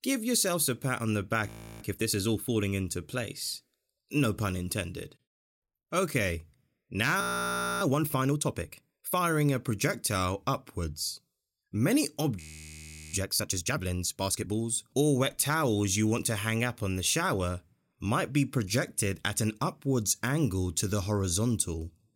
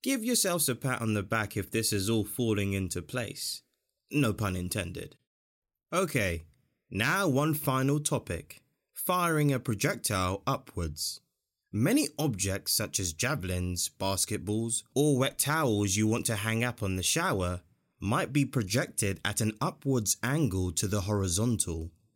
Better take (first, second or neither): second